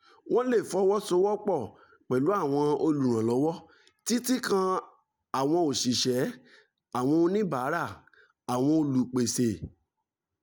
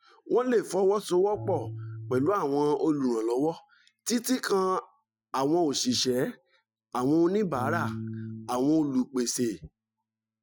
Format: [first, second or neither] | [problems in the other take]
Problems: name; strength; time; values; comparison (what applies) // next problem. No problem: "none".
first | noise reduction (classical method Wiener filter)